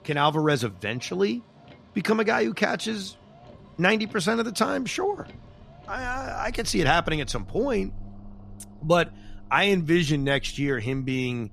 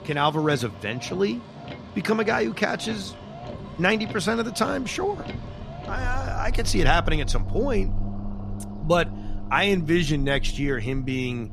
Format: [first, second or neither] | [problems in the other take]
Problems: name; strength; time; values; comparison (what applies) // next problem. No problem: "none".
first | traffic noise; loud; throughout; 10 dB below the speech; faint in the first